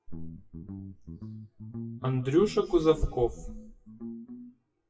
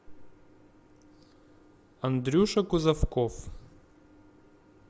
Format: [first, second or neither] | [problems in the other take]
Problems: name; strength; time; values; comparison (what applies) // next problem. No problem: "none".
second | noise reduction (classical method WPE with log-MMSE)